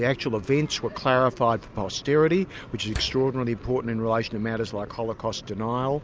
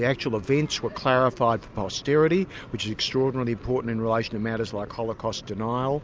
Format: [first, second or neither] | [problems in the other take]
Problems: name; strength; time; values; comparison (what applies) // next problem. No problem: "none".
second | background sound (Slam); 14 dB below the speech